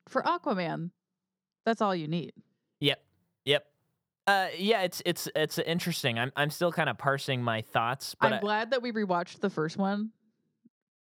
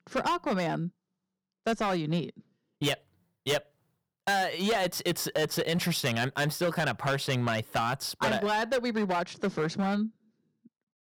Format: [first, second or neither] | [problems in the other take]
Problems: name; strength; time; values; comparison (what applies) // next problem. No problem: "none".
first | distortion; heavy; 10% of the sound clipped